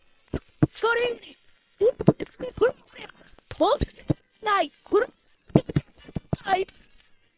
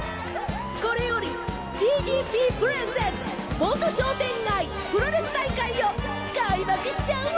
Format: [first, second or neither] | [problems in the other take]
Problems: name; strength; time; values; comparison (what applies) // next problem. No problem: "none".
second | noise reduction (neural separator model SepFormer WHAM!)